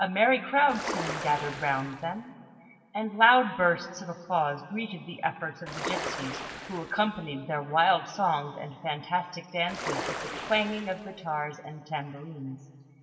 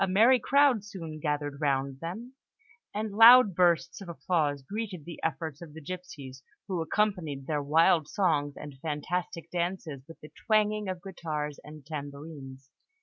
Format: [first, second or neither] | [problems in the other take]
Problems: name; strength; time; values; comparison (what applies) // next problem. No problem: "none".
second | background sound (Ocean); 7 dB below the speech // room echo; dies away in 1.9 s